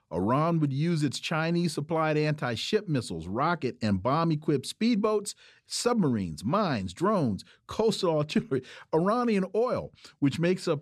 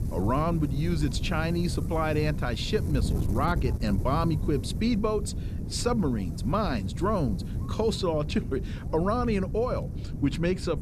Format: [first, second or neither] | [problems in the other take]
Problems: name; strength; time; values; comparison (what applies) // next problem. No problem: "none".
first | wind noise on the microphone; occasional gusts; 15 dB below the speech